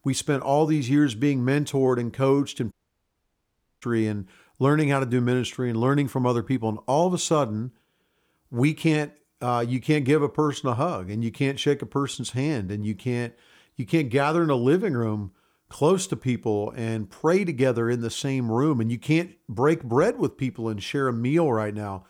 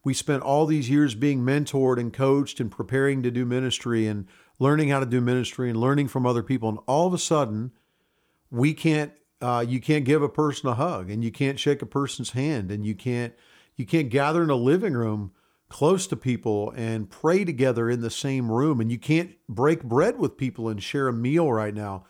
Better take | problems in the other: second | audio cutting out; at 2.5 s for 1 s

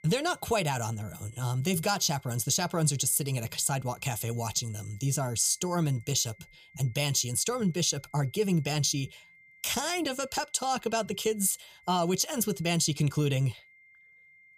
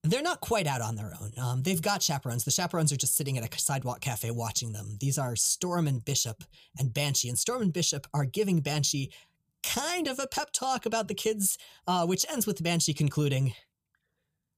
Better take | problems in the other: second | high-pitched whine; faint; throughout; 2 kHz, 30 dB below the speech

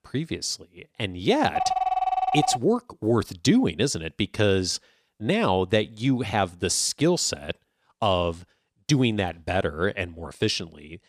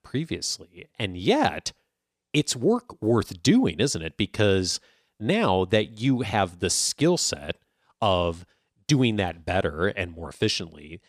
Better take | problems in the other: second | phone ringing; loud; from 1.5 to 2.5 s; peak level with the speech

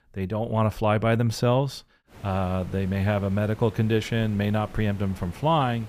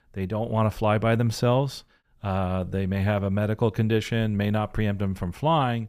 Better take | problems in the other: second | hiss; faint; from 2 s on; 20 dB below the speech

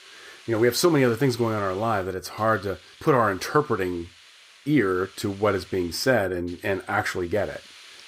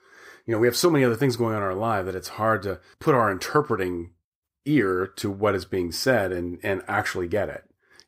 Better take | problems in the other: second | hiss; faint; throughout; 25 dB below the speech

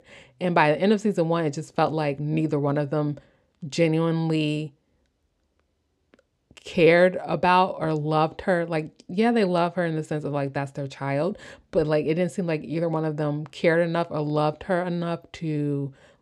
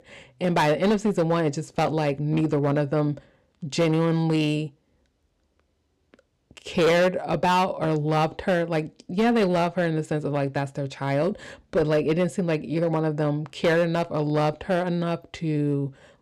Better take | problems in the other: first | distortion; slight; 6% of the sound clipped

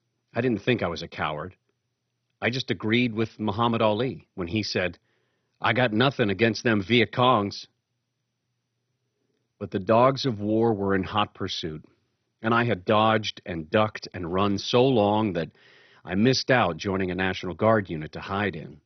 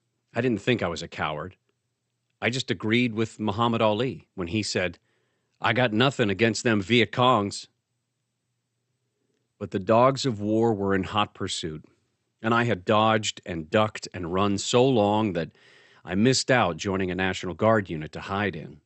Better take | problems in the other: second | garbled, watery; badly; nothing above 6 kHz; slightly in the second

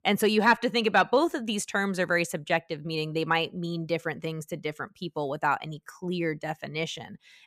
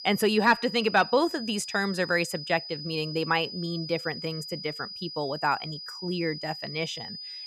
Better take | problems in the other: first | high-pitched whine; loud; throughout; 5 kHz, 9 dB below the speech

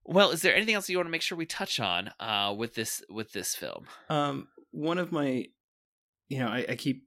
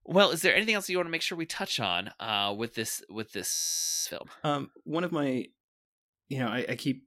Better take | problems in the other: first | audio freezing; at 3.5 s for 0.5 s

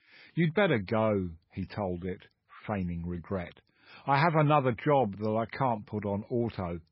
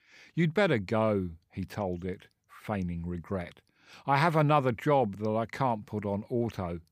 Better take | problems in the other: second | garbled, watery; badly; nothing above 5 kHz

